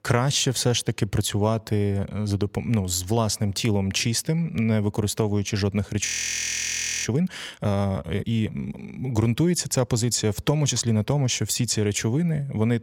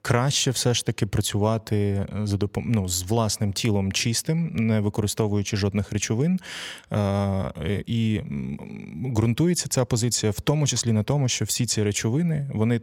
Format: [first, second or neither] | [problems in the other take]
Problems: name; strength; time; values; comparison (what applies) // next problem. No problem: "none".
second | audio freezing; at 6 s for 1 s